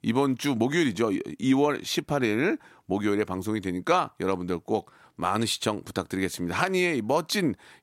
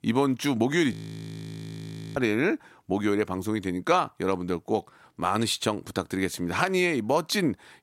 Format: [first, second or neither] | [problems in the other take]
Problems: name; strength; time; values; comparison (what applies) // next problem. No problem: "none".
first | audio freezing; at 1 s for 1 s